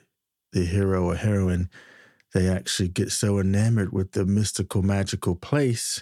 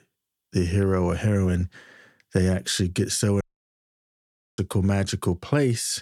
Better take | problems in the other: first | audio cutting out; at 3.5 s for 1 s

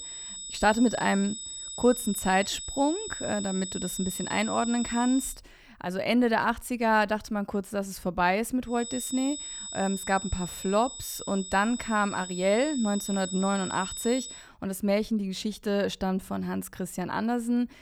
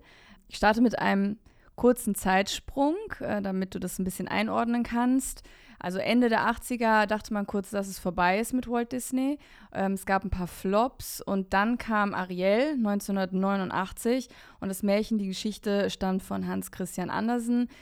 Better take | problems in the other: second | high-pitched whine; loud; until 5.5 s and from 9 to 14 s; 8 kHz, 8 dB below the speech

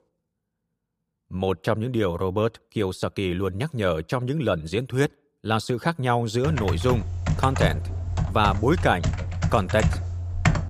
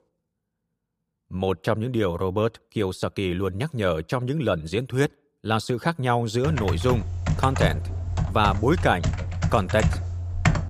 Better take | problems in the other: neither | keyboard typing; loud; from 6.5 s on; peak 2 dB above the speech; the same in both

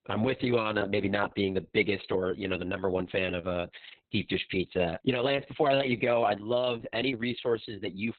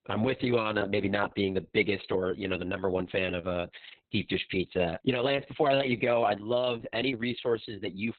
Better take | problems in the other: neither | garbled, watery; badly; nothing above 4 kHz; the same in both

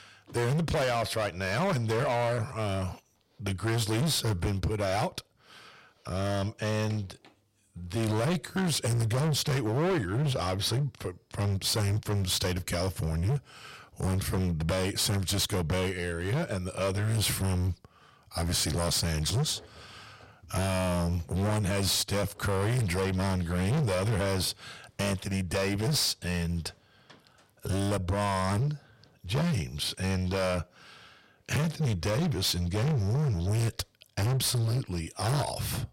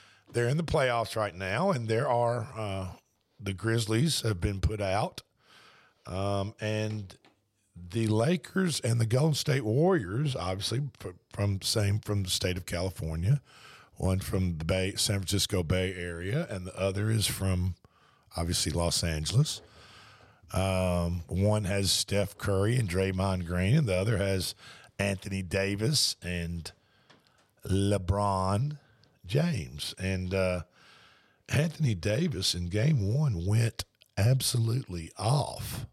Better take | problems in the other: second | distortion; heavy; 23% of the sound clipped

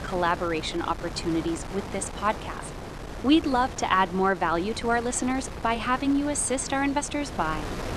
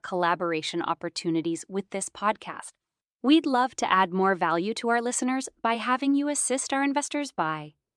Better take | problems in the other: second | wind noise on the microphone; occasional gusts; 15 dB below the speech

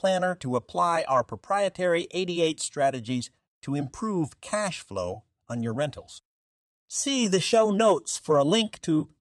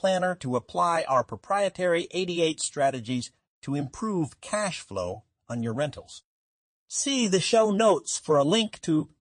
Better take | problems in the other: first | garbled, watery; slightly; nothing above 9 kHz

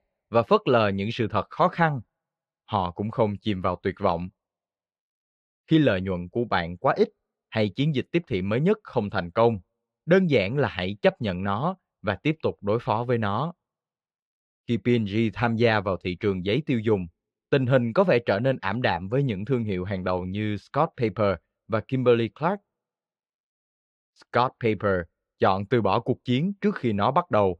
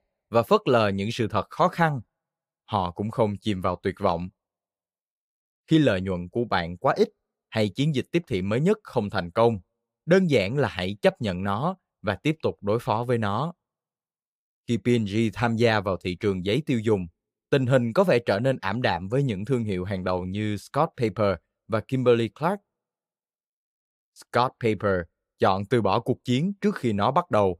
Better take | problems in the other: second | muffled; very slightly; fading above 3 kHz

